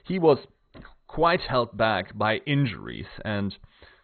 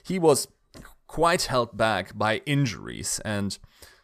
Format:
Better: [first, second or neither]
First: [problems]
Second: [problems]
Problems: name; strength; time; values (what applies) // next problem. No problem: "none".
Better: second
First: garbled, watery; badly; nothing above 4 kHz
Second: none